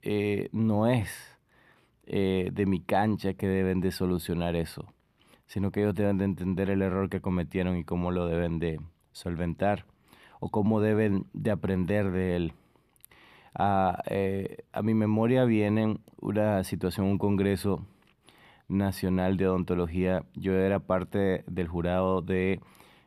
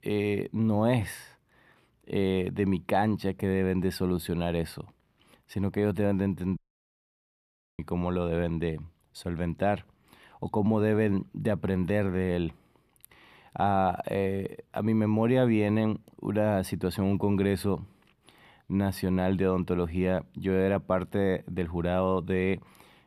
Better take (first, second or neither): first